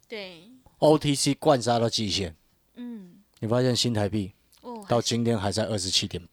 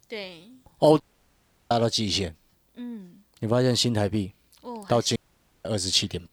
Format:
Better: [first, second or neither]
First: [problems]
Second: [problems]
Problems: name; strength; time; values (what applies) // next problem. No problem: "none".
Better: first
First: none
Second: audio cutting out; at 1 s for 0.5 s and at 5 s